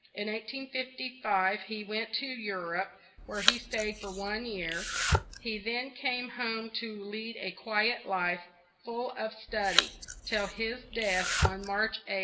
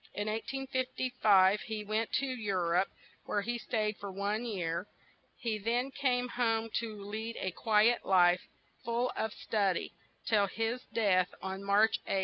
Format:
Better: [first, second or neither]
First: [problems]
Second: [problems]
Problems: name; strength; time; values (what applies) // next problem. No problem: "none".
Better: second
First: background sound (Domestic sounds, home sounds); 1 dB above the speech // room echo; dies away in 0.6 s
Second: none